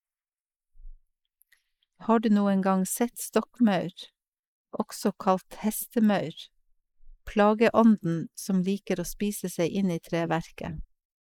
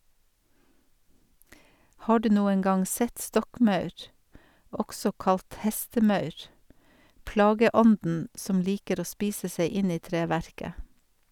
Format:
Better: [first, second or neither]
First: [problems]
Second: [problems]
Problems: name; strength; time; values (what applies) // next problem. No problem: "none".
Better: second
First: noise reduction (neural mask model Resemble Enhance denoiser)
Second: none